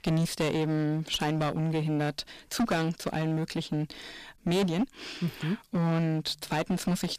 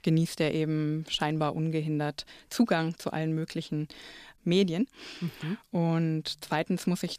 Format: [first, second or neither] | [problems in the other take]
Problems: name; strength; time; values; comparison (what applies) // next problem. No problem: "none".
second | distortion; heavy; 13% of the sound clipped